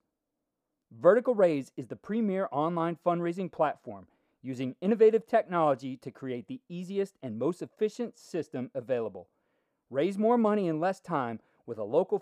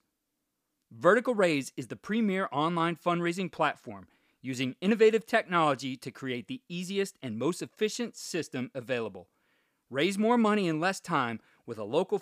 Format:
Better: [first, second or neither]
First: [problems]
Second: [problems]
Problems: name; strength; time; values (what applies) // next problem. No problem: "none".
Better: second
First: muffled; slightly; fading above 1.5 kHz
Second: none